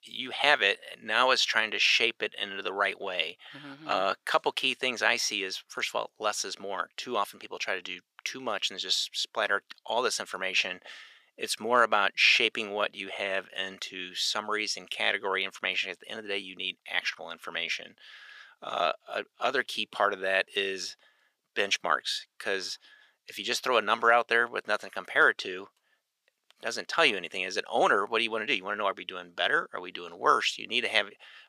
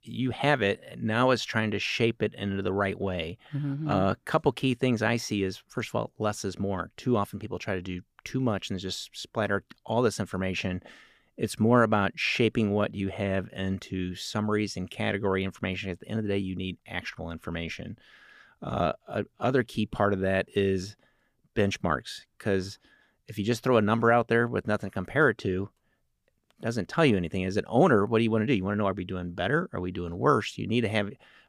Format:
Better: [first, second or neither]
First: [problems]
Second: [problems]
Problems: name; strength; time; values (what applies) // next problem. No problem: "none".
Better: second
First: thin; very; fading below 650 Hz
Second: none